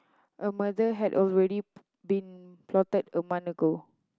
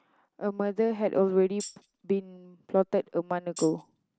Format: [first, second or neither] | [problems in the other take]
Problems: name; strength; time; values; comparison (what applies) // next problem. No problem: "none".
first | background sound (Tambourine); 14 dB below the speech